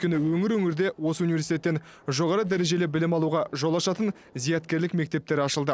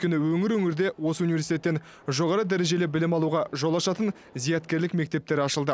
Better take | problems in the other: second | noise reduction (neural separator model SepFormer DNS4)

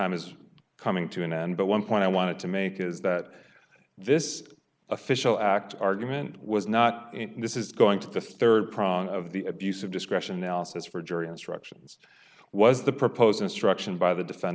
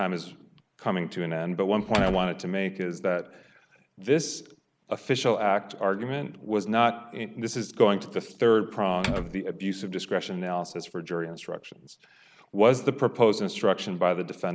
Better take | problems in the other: first | background sound (Typing); 5 dB below the speech

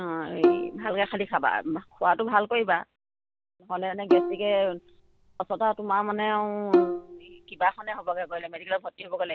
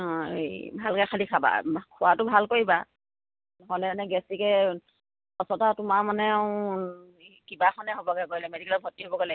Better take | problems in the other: second | background sound (Bowed string instrument); 1 dB below the speech

